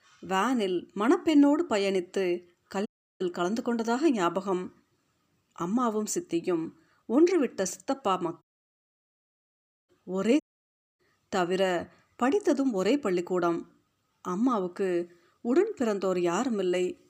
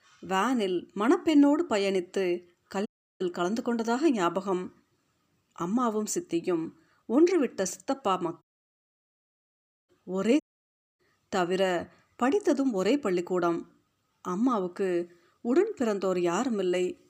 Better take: neither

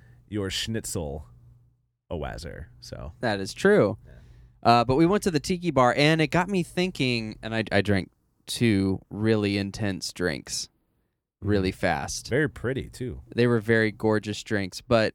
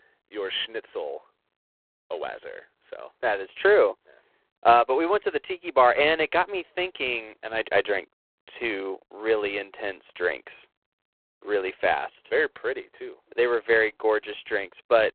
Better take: first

